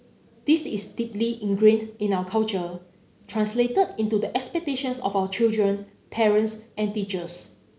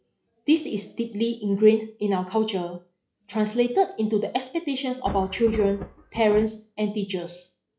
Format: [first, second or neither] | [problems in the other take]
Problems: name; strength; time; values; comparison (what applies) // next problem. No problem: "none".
first | noise reduction (classical method log-MMSE)